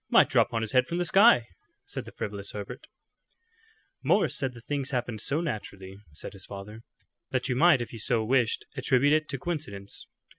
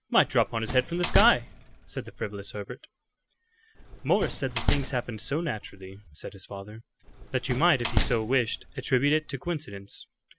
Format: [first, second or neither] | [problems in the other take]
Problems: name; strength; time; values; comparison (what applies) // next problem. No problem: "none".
first | background sound (Slam); 3 dB below the speech